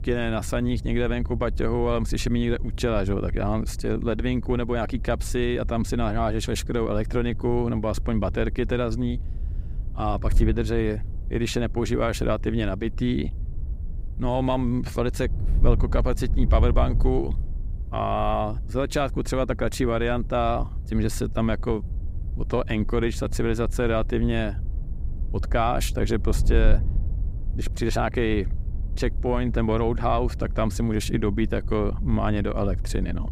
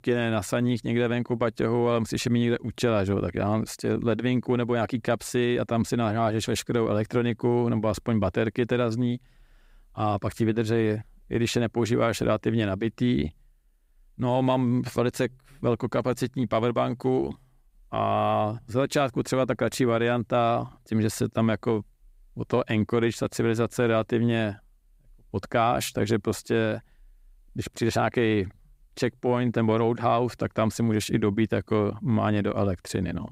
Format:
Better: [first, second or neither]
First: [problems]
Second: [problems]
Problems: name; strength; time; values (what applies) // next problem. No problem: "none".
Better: second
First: wind noise on the microphone; occasional gusts; 20 dB below the speech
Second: none